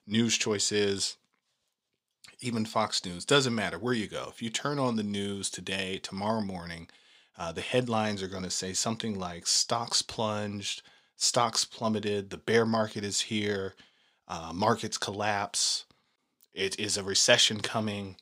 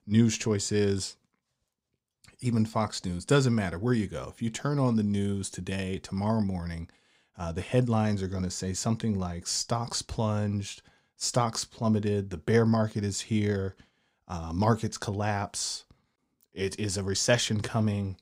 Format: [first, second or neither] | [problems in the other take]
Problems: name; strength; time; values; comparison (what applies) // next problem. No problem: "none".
second | thin; very slightly; fading below 900 Hz